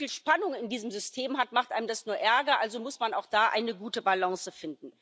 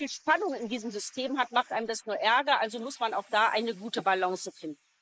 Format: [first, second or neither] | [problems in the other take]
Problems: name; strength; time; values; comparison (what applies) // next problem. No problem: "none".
first | noise reduction (neural mask model Resemble Enhance denoiser)